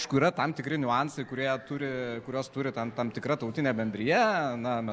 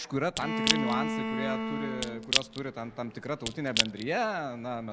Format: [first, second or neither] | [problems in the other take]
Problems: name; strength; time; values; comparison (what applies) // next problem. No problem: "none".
first | background sound (Crack / Crushing + Bowed string instrument); 2 dB above the speech